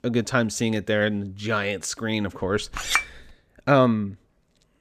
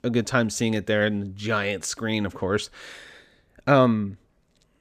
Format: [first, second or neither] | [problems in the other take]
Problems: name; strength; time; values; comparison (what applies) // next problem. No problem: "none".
second | clattering dishes; loud; at 2.5 s; peak level with the speech